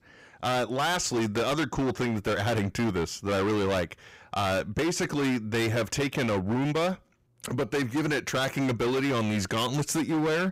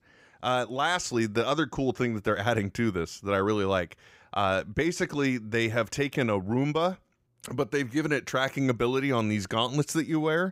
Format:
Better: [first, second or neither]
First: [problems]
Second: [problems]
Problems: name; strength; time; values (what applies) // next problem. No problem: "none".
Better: second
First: distortion; heavy; 25% of the sound clipped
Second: none